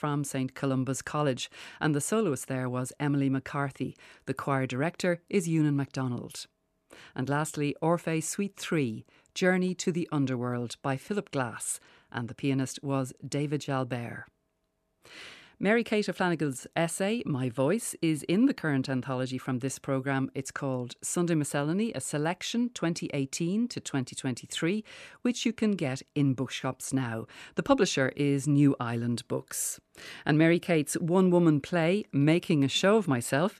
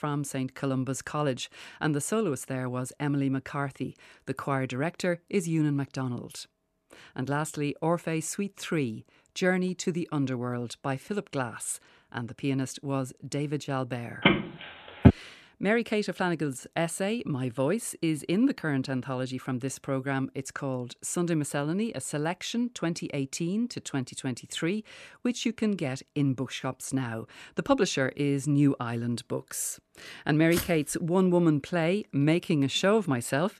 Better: first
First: none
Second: phone ringing; loud; at 14 s; peak 8 dB above the speech // footsteps; noticeable; at 31 s; peak 5 dB below the speech

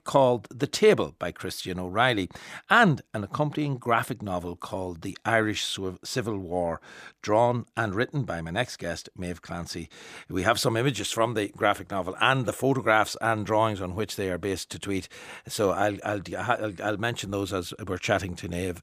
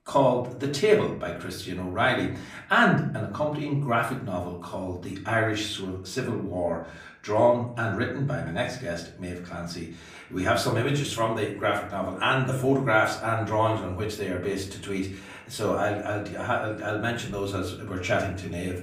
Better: first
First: none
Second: off-mic speech; far // room echo; slight; dies away in 0.5 s

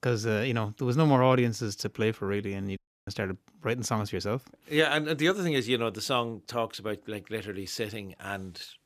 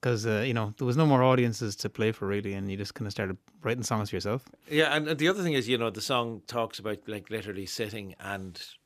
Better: second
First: audio cutting out; at 3 s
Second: none

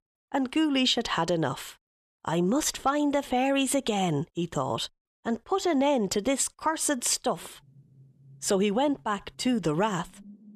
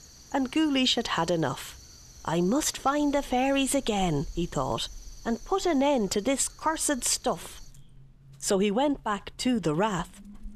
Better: first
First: none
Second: animal sounds; faint; throughout; 20 dB below the speech

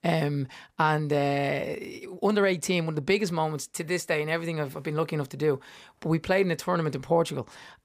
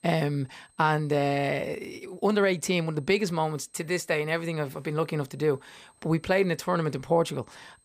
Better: first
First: none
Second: high-pitched whine; faint; throughout; 8.5 kHz, 35 dB below the speech

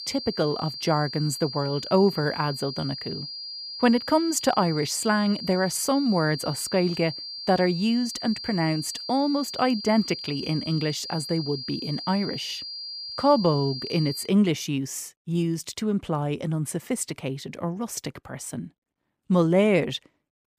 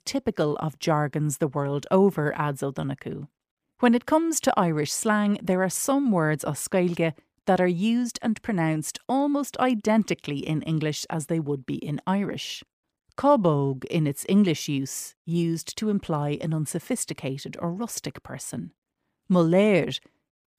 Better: second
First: high-pitched whine; loud; until 14 s; 4.5 kHz, 8 dB below the speech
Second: none

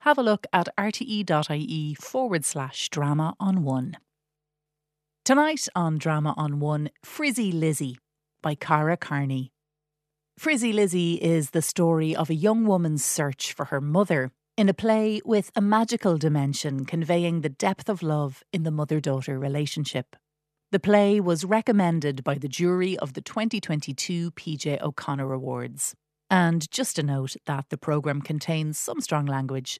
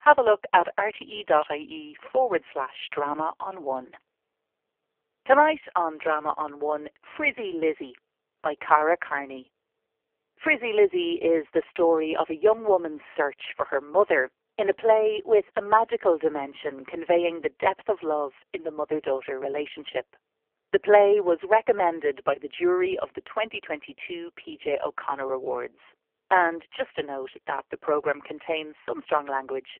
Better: first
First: none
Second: phone-call audio; poor line; nothing above 3 kHz

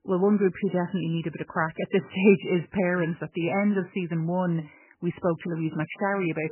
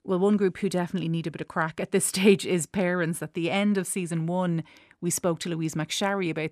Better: second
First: garbled, watery; badly; nothing above 3 kHz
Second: none

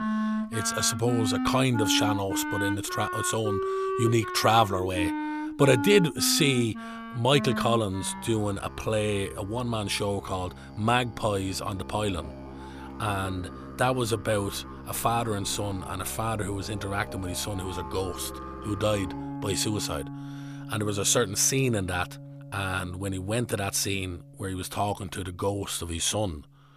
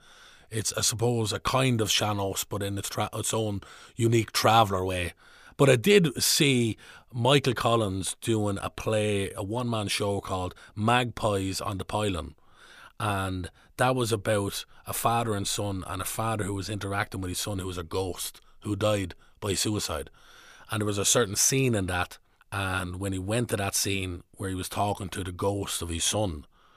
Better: second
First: background music; loud; throughout; 7 dB below the speech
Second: none

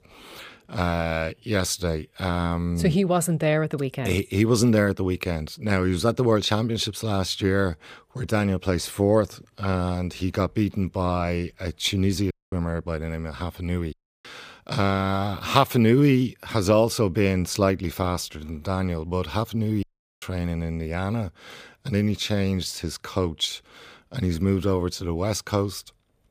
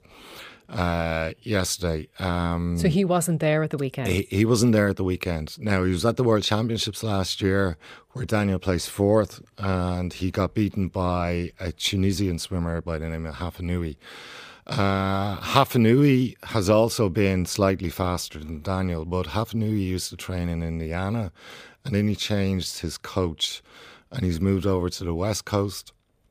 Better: second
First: audio cutting out; at 12 s, at 14 s and at 20 s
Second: none

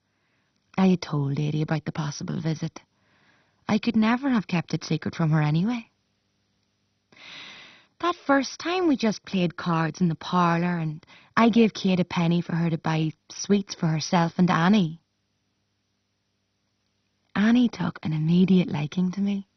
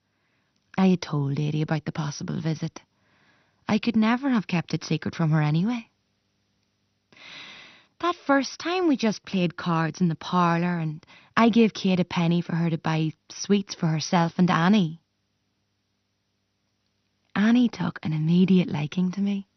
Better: second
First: garbled, watery; badly; nothing above 6 kHz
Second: garbled, watery; slightly; nothing above 6 kHz

